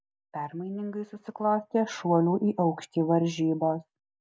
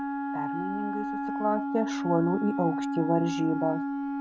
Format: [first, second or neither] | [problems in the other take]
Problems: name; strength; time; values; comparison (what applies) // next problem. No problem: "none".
first | background sound (Wind instrument, woodwind instrument); 1 dB below the speech